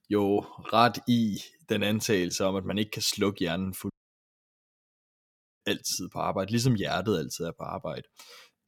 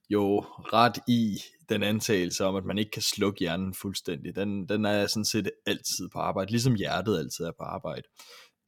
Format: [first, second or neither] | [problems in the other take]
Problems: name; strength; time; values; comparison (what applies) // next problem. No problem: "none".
second | audio cutting out; at 4 s for 1.5 s